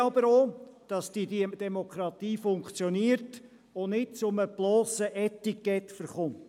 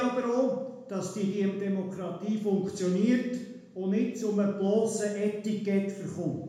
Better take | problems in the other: first | room echo; dies away in 1 s

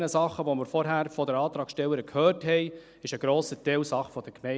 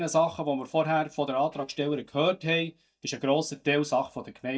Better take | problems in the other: first | noise reduction (neural mask model DeepFilterNet 3)

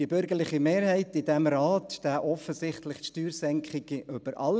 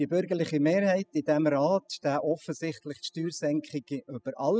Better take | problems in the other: first | noise reduction (classical method spectral subtraction)

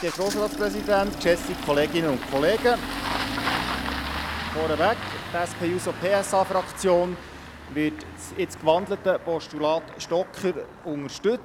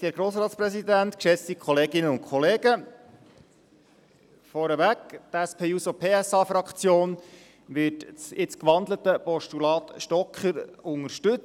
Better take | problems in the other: second | background sound (Engine starting); 7 dB below the speech

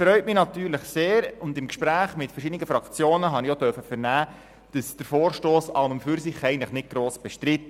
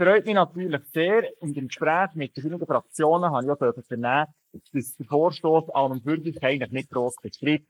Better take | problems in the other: first | noise reduction (neural mask model Resemble Enhance denoiser)

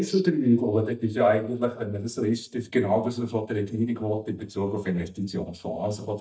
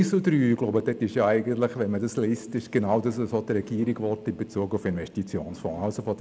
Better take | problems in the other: second | noise reduction (neural mask model DeepFilterNet 3)

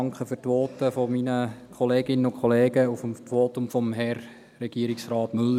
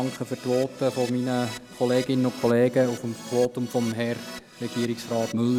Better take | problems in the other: first | background sound (Keyboard (musical)); 15 dB below the speech

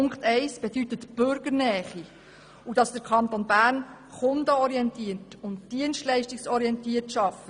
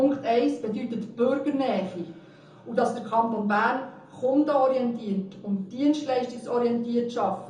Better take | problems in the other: first | room echo; dies away in 0.9 s

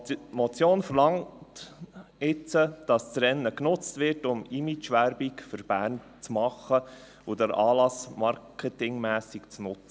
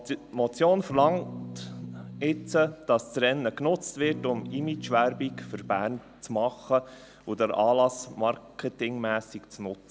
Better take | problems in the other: first | background sound (Electric guitar / Strum); 12 dB below the speech

